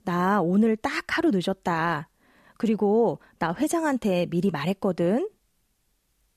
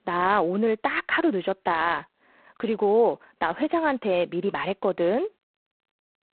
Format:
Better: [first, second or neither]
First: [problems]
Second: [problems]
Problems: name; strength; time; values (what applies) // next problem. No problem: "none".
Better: first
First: none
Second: phone-call audio; poor line; nothing above 4 kHz